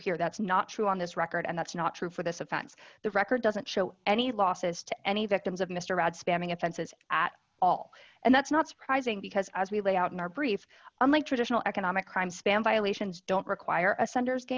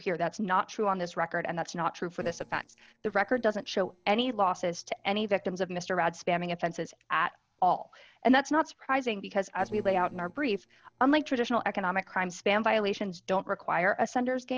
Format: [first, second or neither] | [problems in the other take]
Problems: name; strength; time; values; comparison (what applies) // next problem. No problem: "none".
first | noise reduction (neural separator model SepFormer DNS4)